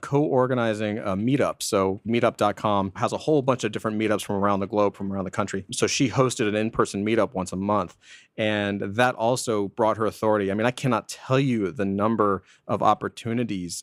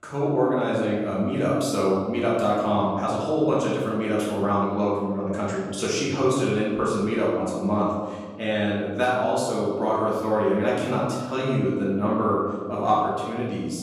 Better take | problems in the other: first | room echo; noticeable; dies away in 1.4 s // off-mic speech; far

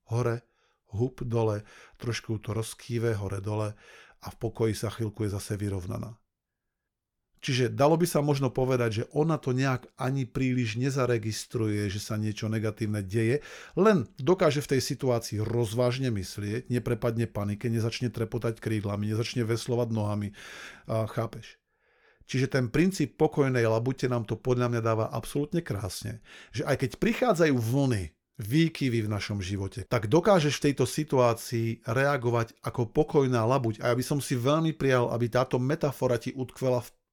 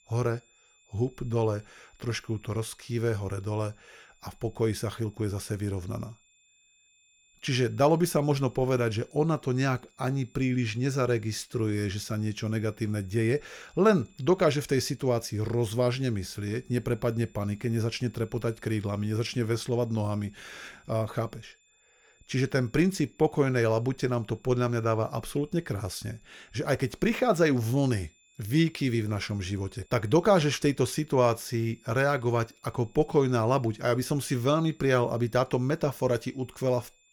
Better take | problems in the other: first | high-pitched whine; faint; throughout; 2.5 kHz, 35 dB below the speech

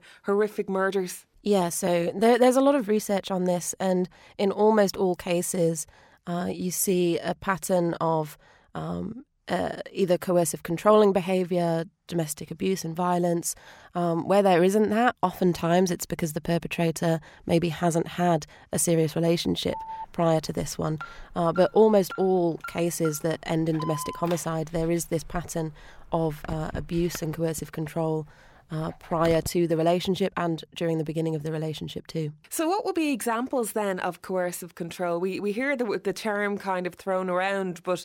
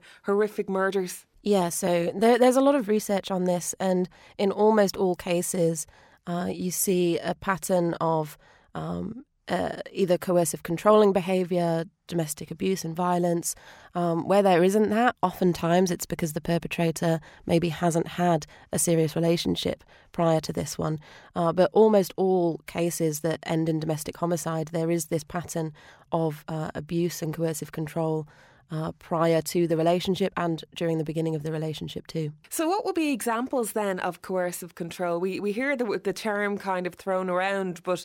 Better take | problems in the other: second | alarm; noticeable; from 20 to 29 s; peak 10 dB below the speech

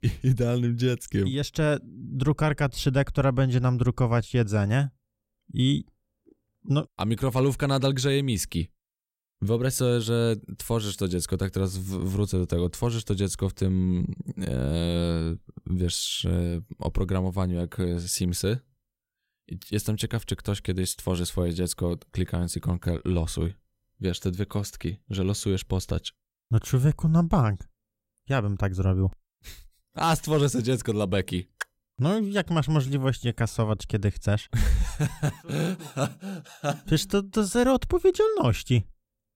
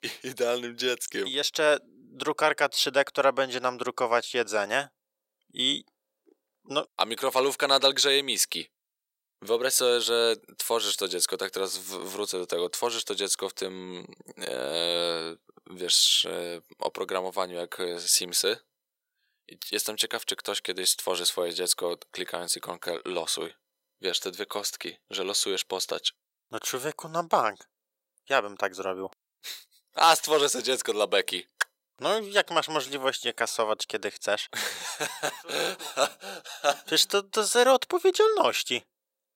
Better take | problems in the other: first | thin; very; fading below 500 Hz

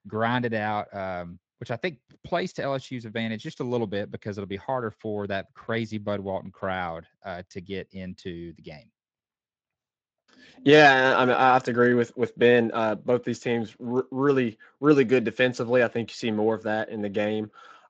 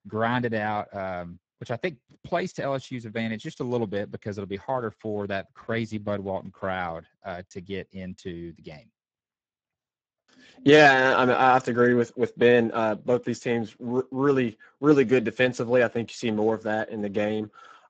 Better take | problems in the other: first | garbled, watery; badly; nothing above 7.5 kHz; slightly in the first

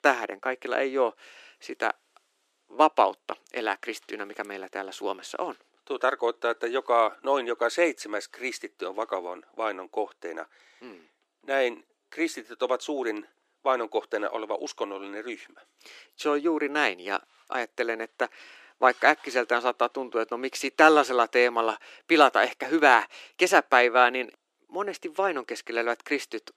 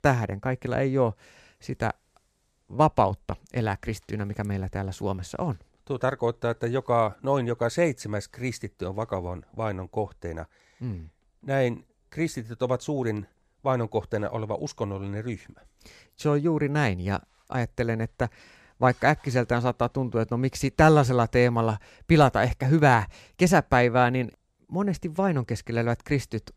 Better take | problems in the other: second | thin; very; fading below 300 Hz

